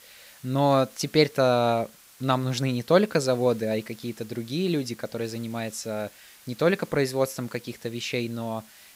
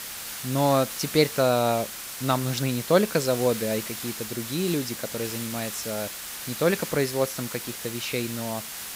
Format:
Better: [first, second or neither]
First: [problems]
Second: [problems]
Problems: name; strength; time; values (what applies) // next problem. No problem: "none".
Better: first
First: hiss; faint; throughout; 25 dB below the speech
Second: hiss; loud; throughout; 7 dB below the speech